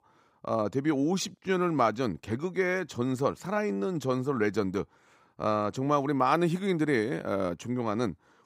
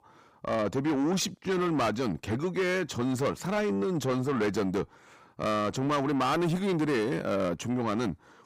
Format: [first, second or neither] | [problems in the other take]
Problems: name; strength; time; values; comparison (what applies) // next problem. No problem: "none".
first | distortion; heavy; 8 dB below the speech